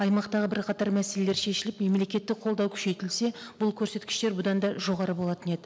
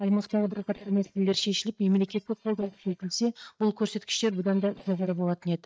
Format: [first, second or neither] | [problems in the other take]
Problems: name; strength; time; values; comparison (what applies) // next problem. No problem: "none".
first | noise reduction (neural mask model DeepFilterNet 3)